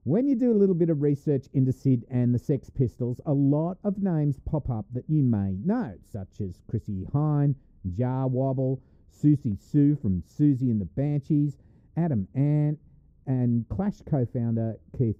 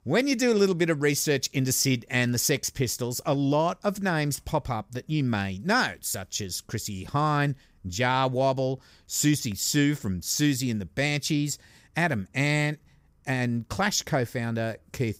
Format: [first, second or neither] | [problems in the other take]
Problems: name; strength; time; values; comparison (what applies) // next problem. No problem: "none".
second | muffled; very; fading above 1 kHz